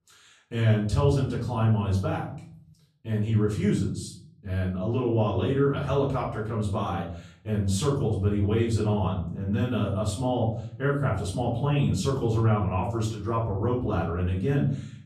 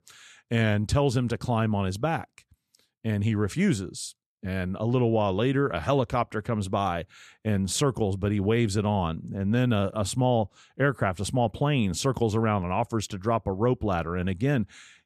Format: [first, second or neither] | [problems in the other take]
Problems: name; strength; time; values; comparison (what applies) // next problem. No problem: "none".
second | room echo; noticeable; dies away in 0.6 s // off-mic speech; far